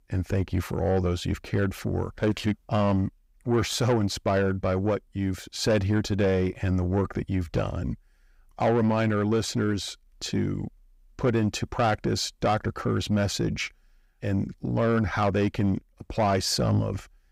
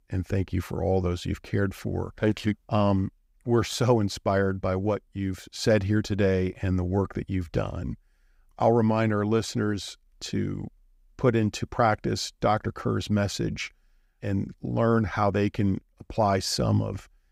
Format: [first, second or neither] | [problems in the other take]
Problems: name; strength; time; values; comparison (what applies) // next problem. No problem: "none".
second | distortion; slight; 10 dB below the speech